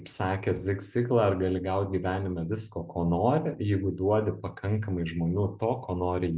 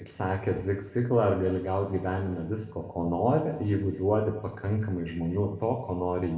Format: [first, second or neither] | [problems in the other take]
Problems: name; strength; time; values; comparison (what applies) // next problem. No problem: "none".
first | room echo; dies away in 1.5 s